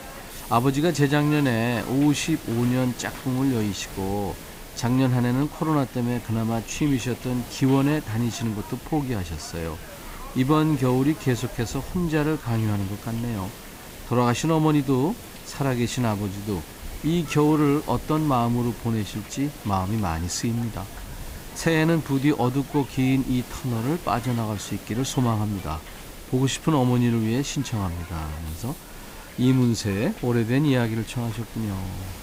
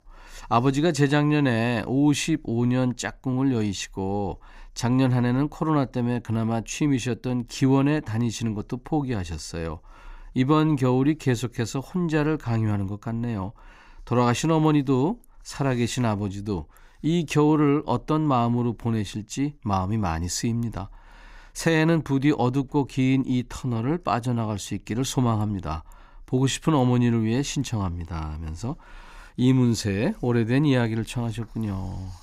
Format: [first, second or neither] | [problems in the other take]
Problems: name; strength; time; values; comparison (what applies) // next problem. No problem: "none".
second | hiss; noticeable; throughout; 15 dB below the speech